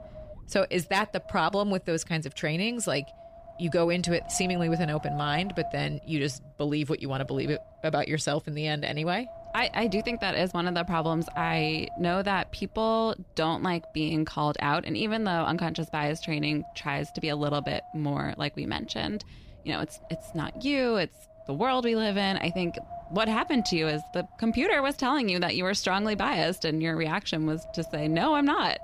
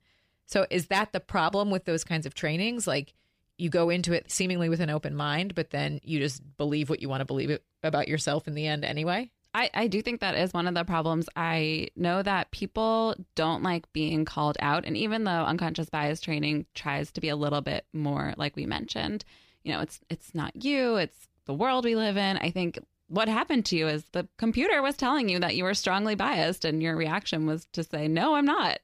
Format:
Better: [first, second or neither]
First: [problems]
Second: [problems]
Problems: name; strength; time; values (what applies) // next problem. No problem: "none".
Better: second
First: wind noise on the microphone; occasional gusts; 15 dB below the speech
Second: none